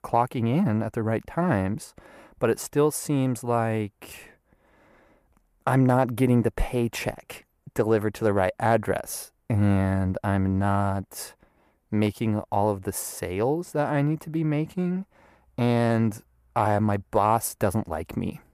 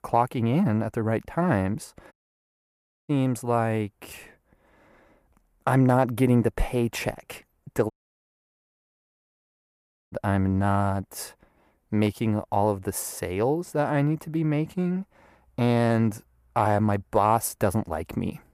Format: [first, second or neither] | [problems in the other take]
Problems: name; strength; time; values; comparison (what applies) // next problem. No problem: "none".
first | audio cutting out; at 2 s for 1 s and at 8 s for 2 s